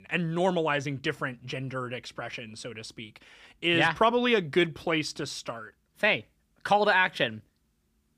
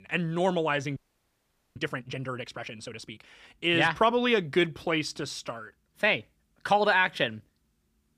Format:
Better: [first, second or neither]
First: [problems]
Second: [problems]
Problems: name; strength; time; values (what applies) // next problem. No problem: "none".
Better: first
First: none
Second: audio freezing; at 1 s for 1 s